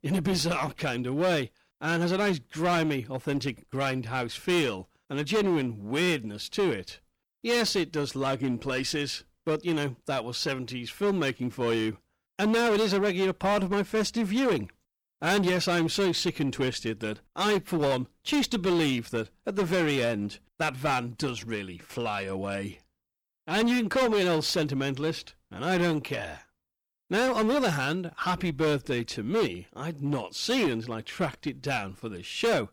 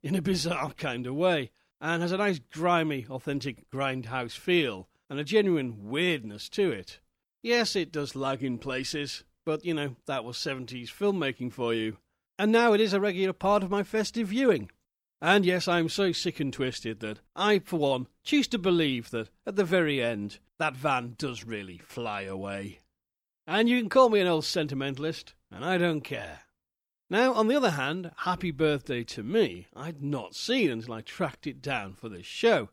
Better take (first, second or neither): second